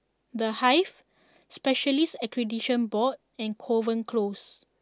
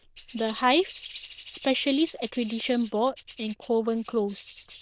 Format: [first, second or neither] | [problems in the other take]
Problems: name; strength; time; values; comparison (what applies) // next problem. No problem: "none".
first | noise reduction (neural diffusion model UNIVERSE++)